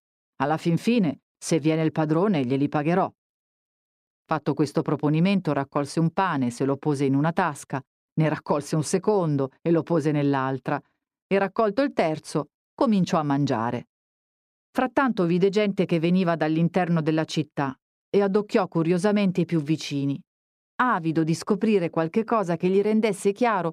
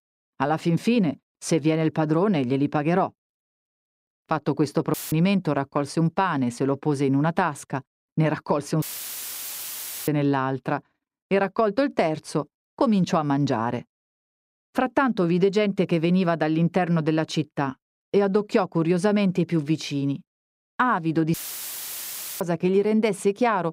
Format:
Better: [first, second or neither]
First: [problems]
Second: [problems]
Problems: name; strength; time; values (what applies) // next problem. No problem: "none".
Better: first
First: none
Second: audio cutting out; filled with static; at 5 s, at 9 s for 1.5 s and at 21 s for 1 s